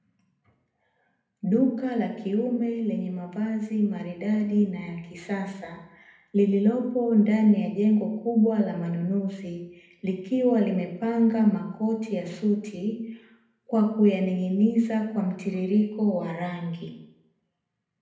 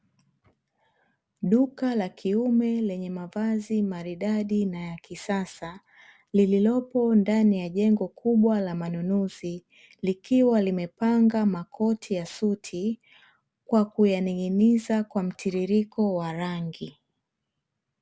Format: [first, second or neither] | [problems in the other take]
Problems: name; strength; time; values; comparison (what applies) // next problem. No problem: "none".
second | room echo; dies away in 0.7 s